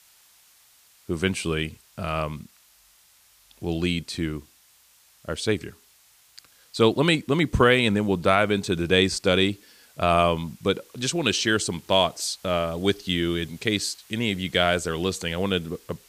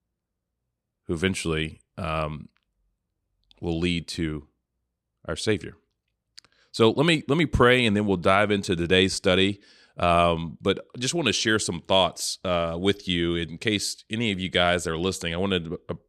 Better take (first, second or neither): second